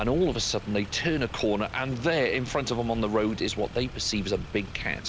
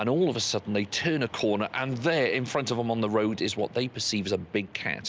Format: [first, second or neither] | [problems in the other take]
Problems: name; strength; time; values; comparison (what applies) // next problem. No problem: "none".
second | background sound (Motor vehicle (road)); 13 dB below the speech